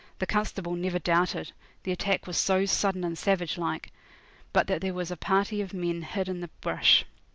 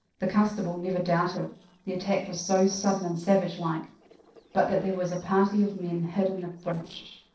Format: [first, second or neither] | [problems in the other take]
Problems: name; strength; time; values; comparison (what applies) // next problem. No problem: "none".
first | noise reduction (neural separator model SepFormer DNS4)